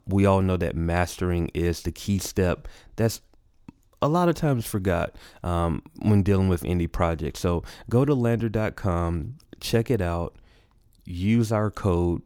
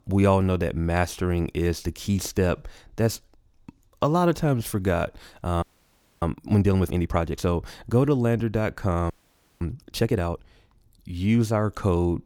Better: first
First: none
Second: audio freezing; at 5.5 s for 0.5 s and at 9 s for 0.5 s

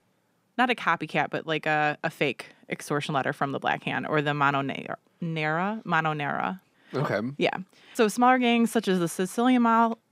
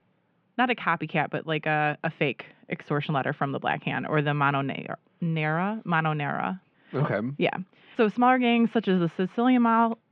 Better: first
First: none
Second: muffled; very; fading above 3 kHz

